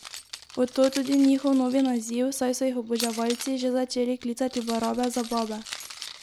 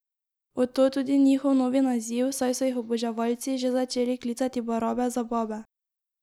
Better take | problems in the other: second | background sound (Keys jangling); 15 dB below the speech

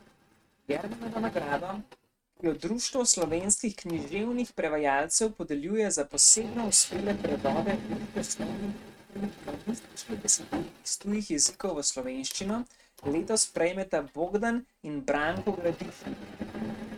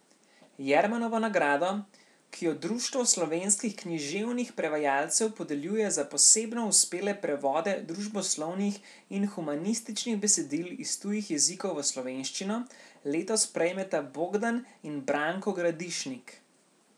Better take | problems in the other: second | noise reduction (neural mask model RNNoise)

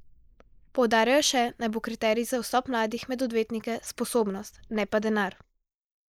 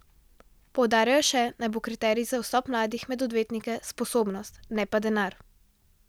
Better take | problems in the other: second | noise reduction (neural mask model Resemble Enhance denoiser)

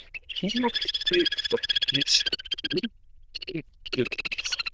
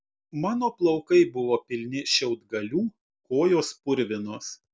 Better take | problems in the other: second | noise reduction (neural diffusion model UNIVERSE++)

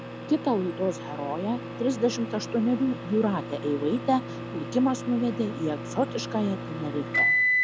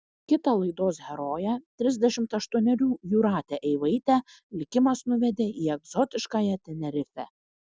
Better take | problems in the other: second | background sound (Microwave oven); 4 dB below the speech

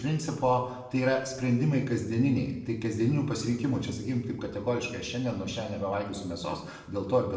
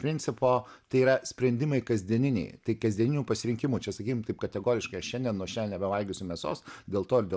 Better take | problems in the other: second | room echo; dies away in 0.8 s

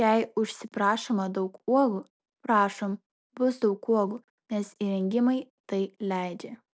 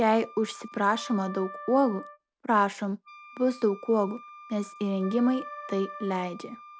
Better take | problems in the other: first | background sound (Wind instrument, woodwind instrument + Wind instrument, woodwind instrument); 16 dB below the speech

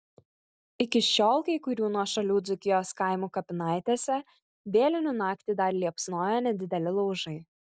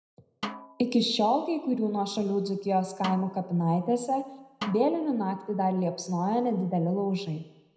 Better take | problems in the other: first | background sound (Snare drum); 14 dB below the speech // room echo; dies away in 0.8 s

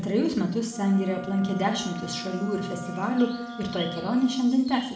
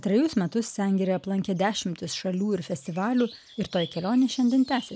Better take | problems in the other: second | background sound (Wind instrument, woodwind instrument); 13 dB below the speech // room echo; dies away in 0.7 s

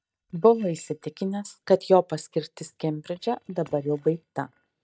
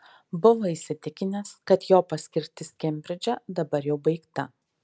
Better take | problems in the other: second | noise reduction (neural mask model DeepFilterNet 3)

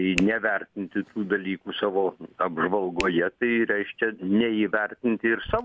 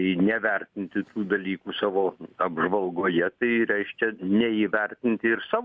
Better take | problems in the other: second | background sound (Hands); 17 dB below the speech

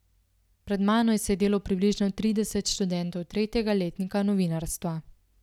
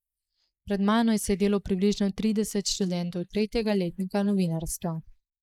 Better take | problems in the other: first | noise reduction (neural mask model Resemble Enhance denoiser)

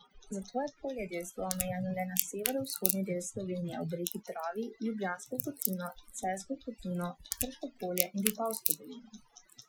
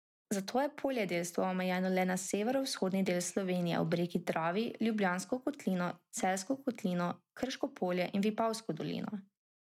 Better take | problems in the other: second | noise reduction (classical method Wiener filter)

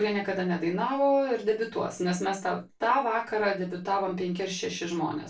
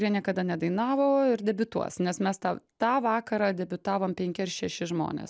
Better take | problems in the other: second | room echo; dies away in 0.2 s

